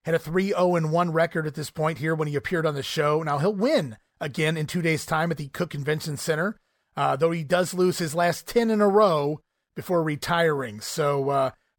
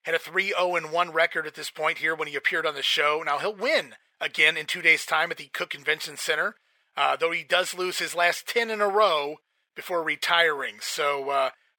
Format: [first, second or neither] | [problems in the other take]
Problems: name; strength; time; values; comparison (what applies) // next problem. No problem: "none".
first | thin; very; fading below 500 Hz